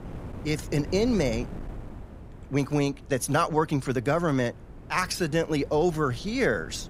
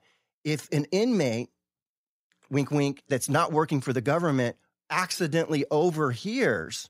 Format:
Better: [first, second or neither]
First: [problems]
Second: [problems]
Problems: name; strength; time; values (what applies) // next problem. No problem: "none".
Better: second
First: wind noise on the microphone; occasional gusts; 20 dB below the speech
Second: none